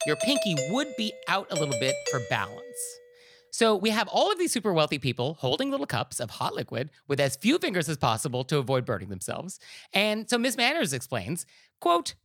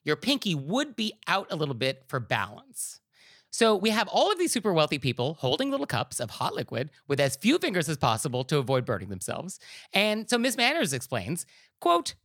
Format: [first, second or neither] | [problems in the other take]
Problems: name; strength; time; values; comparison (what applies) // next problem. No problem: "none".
second | doorbell; noticeable; until 2.5 s; peak 2 dB below the speech